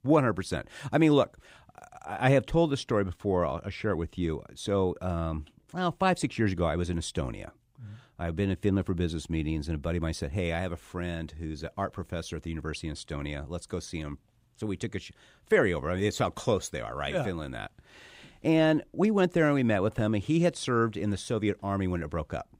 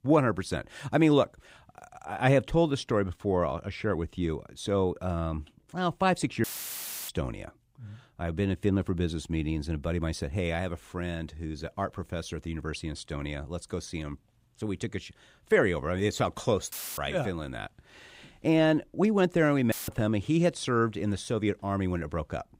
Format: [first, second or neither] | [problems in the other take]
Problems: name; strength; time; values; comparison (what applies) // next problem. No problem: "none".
first | audio cutting out; filled with static; at 6.5 s for 0.5 s, at 17 s and at 20 s